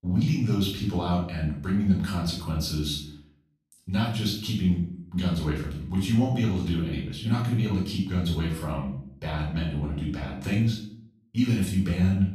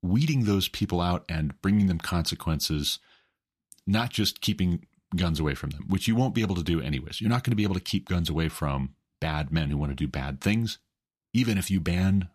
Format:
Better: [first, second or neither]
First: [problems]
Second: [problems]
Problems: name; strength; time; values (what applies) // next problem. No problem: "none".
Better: second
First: off-mic speech; far // room echo; noticeable; dies away in 0.5 s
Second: none